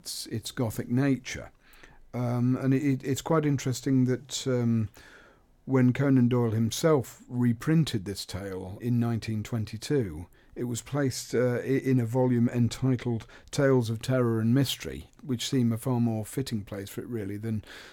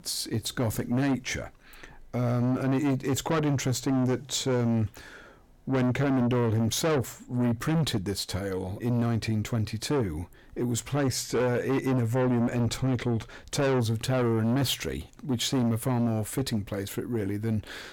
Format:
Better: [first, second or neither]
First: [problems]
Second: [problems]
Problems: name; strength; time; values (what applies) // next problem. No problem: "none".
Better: first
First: none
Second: distortion; heavy; 8 dB below the speech